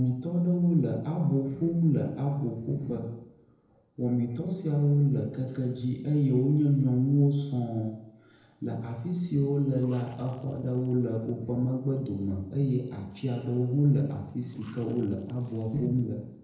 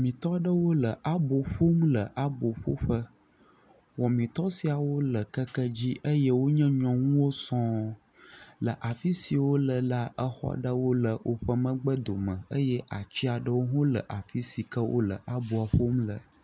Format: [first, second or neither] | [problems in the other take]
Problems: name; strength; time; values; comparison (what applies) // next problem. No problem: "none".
second | noise reduction (neural separator model SepFormer DNS4)